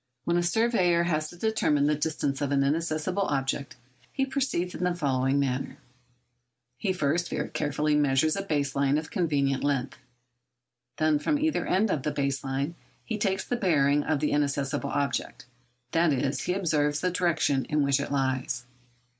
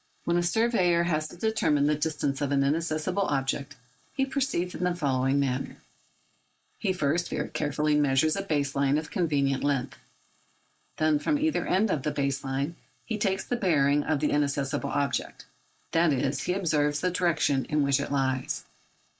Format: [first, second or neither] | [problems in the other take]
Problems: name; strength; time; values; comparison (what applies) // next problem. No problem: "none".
first | noise reduction (neural mask model Resemble Enhance denoiser)